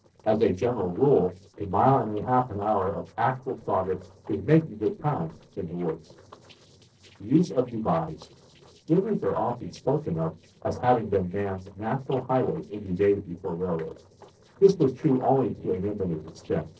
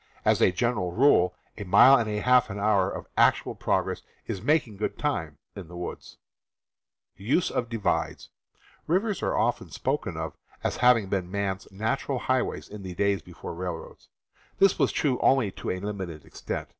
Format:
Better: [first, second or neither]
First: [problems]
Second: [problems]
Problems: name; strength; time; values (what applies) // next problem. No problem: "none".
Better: second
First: noise reduction (neural separator model SepFormer DNS4)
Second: none